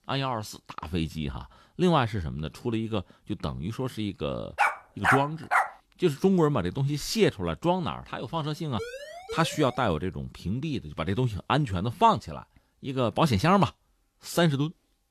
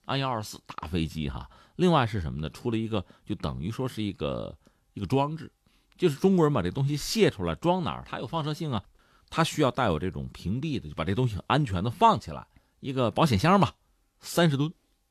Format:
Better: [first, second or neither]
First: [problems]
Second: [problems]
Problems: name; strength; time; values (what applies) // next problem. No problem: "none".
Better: second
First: dog barking; loud; from 4.5 to 5.5 s; peak 3 dB above the speech // siren; faint; at 9 s; peak 10 dB below the speech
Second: none